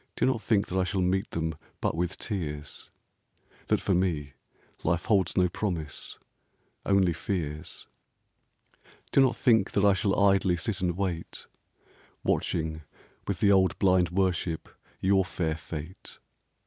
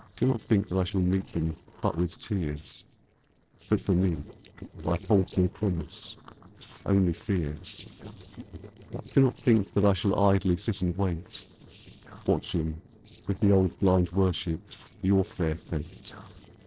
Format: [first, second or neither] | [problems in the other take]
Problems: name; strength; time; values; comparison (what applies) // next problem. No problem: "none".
first | noise reduction (neural separator model SepFormer DNS4)